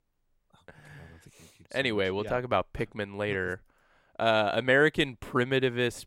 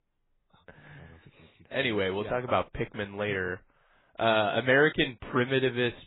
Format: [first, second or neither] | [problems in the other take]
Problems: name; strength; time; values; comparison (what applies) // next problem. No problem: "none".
first | garbled, watery; badly; nothing above 4 kHz